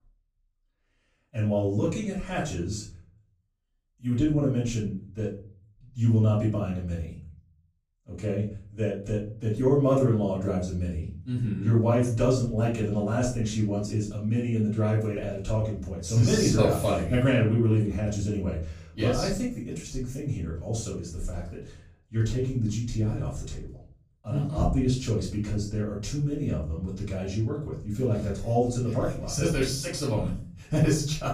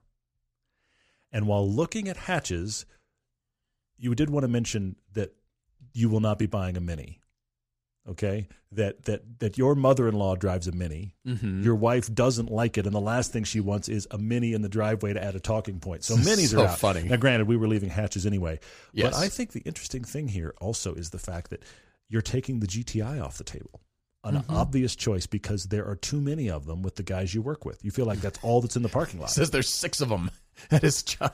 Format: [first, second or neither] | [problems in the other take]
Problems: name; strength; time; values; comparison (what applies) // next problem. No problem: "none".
second | room echo; noticeable; dies away in 0.5 s // off-mic speech; far